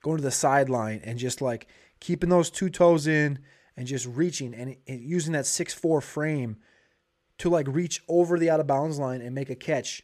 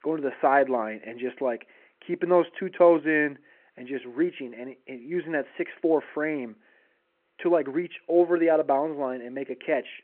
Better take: first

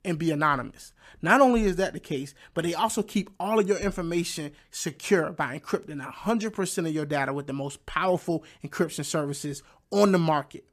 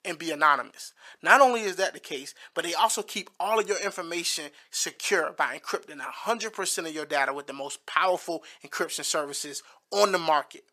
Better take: first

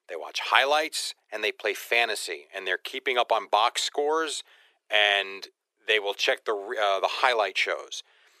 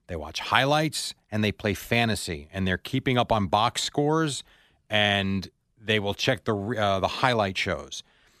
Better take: second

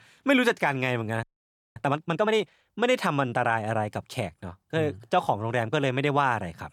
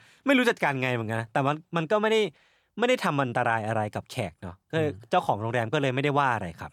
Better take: second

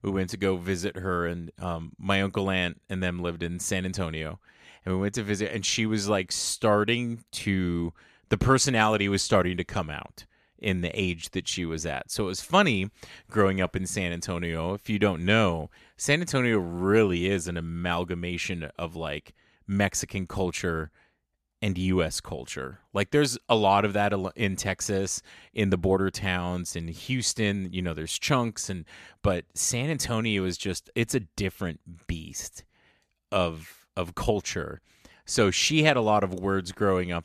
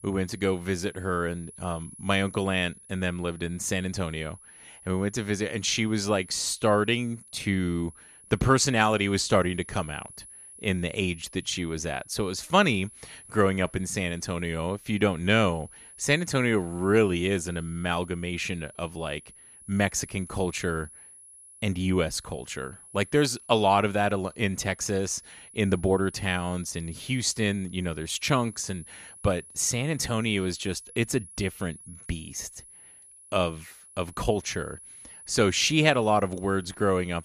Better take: first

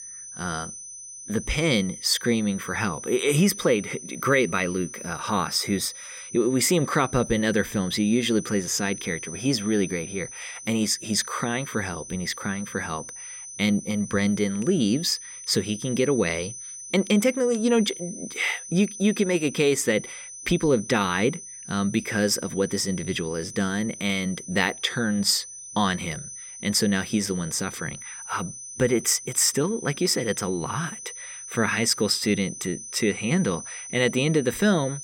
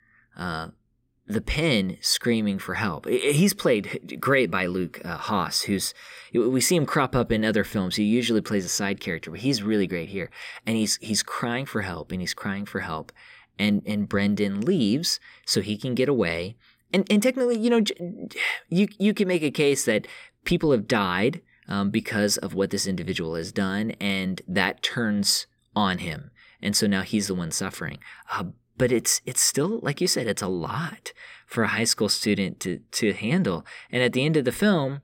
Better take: second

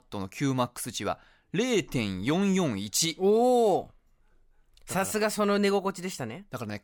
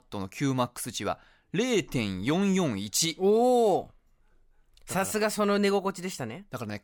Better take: neither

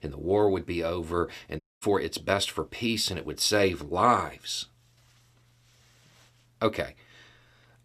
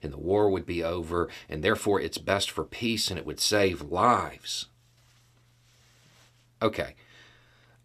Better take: second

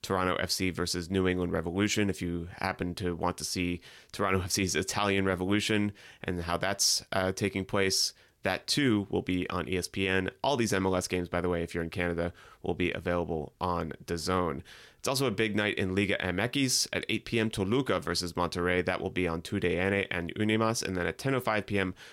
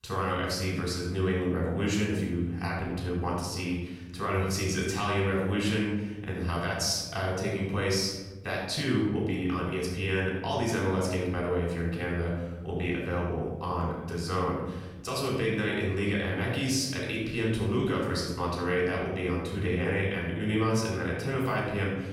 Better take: first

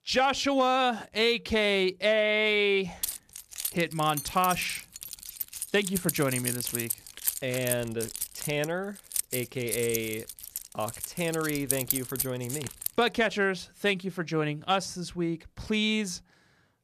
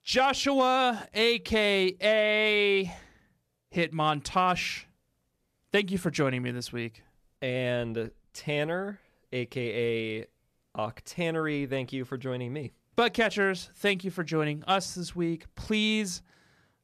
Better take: second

